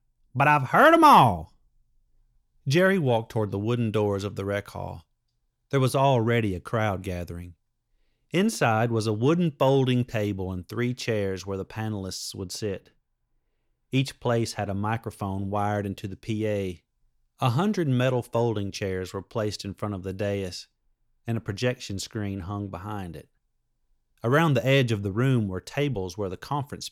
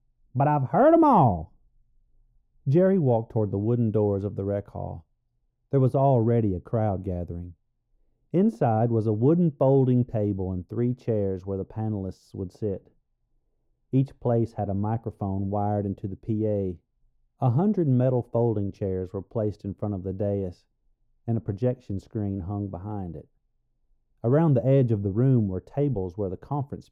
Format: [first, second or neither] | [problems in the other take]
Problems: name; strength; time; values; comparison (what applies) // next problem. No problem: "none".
first | muffled; very; fading above 1 kHz